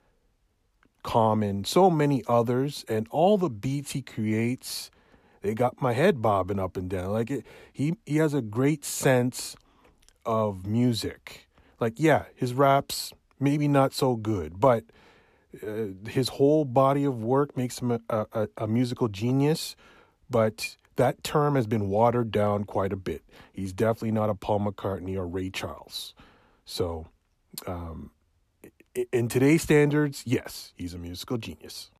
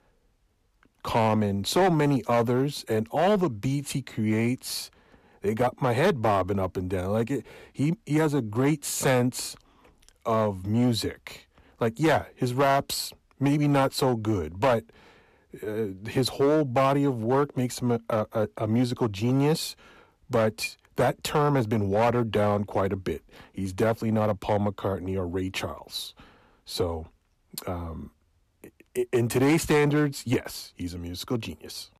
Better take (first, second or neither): first